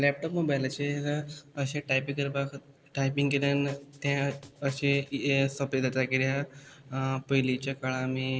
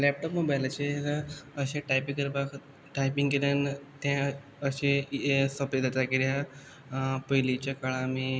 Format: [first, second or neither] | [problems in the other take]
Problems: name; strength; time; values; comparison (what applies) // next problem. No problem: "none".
second | noise reduction (neural separator model SepFormer DNS4)